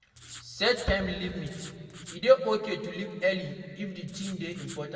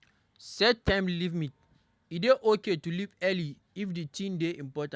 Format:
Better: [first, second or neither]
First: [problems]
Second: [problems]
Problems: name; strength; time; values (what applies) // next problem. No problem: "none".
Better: second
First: background sound (Writing); 18 dB below the speech // room echo; dies away in 2.1 s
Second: none